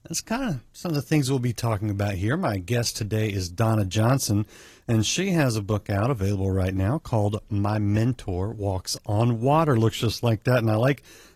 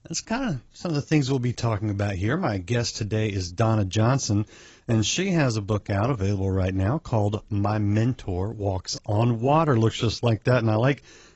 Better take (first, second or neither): first